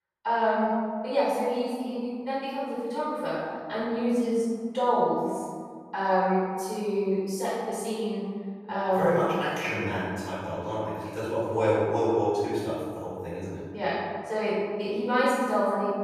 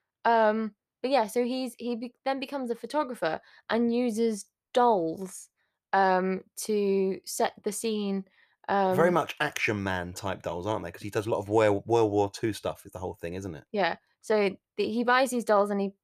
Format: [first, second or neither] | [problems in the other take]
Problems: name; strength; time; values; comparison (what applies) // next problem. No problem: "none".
second | off-mic speech; far // room echo; strong; dies away in 1.8 s